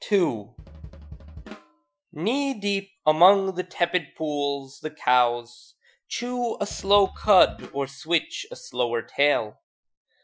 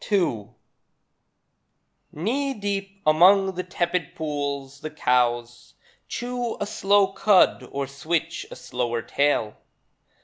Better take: second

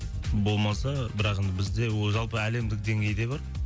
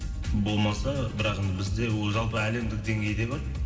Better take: first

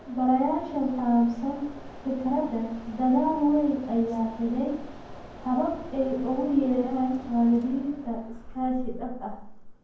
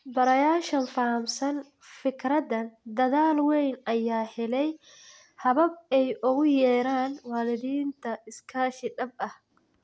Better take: second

